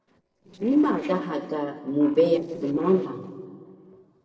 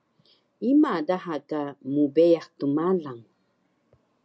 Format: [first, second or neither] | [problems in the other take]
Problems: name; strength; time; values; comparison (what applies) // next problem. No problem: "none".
second | noise reduction (neural separator model SepFormer DNS4)